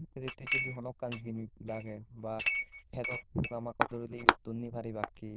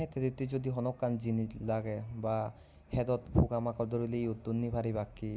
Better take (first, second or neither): second